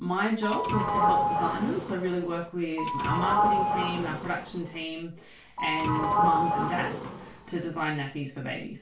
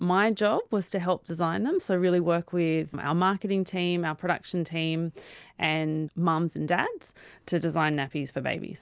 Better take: second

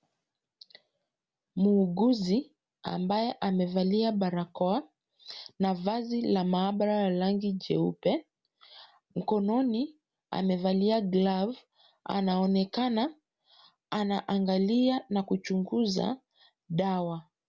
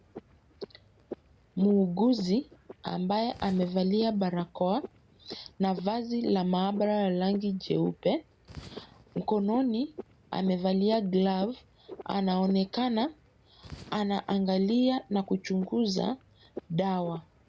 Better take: first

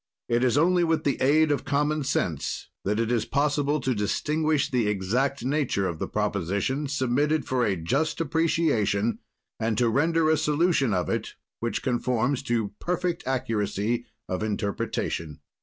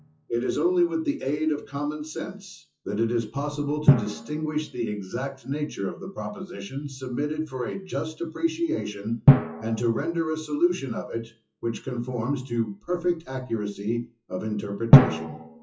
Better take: first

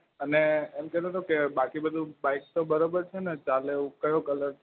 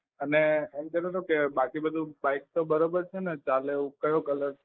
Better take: first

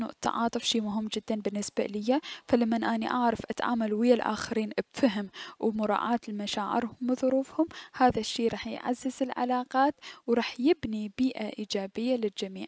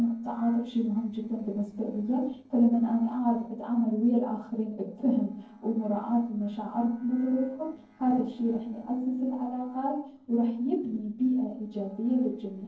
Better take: first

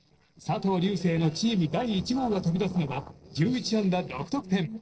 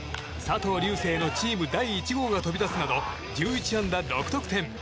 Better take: second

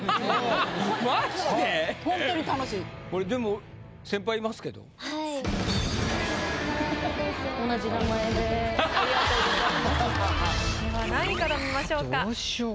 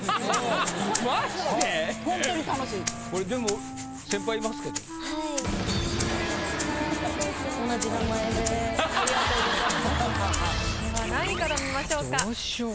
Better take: first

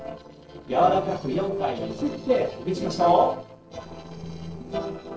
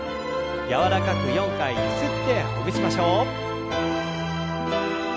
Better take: second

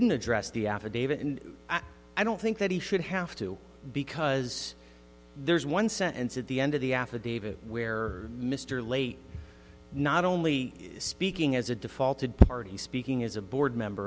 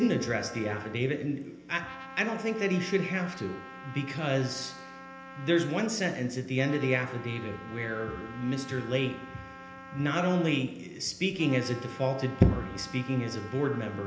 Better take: first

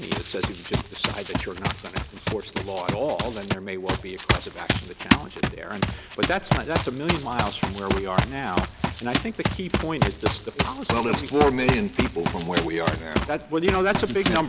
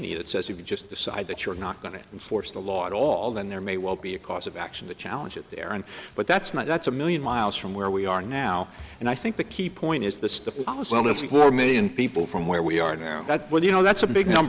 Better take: second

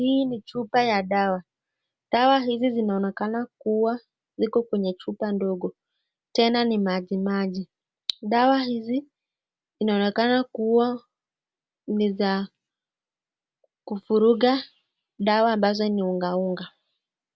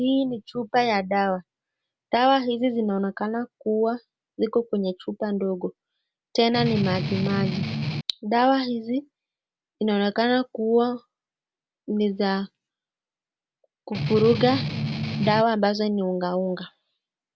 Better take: first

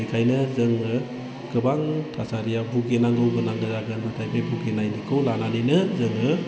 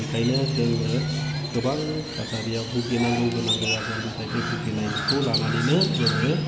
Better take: first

